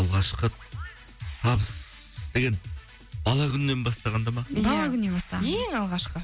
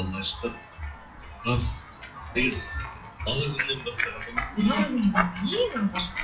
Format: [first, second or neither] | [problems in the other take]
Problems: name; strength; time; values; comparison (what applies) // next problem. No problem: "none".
first | noise reduction (classical method WPE with log-MMSE)